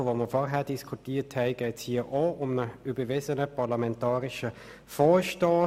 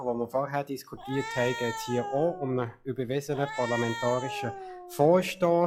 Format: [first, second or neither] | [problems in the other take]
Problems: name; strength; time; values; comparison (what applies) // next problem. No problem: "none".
first | noise reduction (classical method log-MMSE)